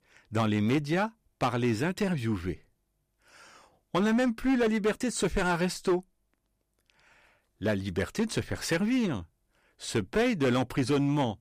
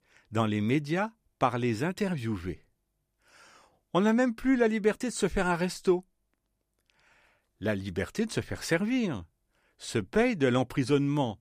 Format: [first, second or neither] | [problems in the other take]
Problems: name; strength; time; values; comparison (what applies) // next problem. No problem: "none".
second | distortion; slight; 8% of the sound clipped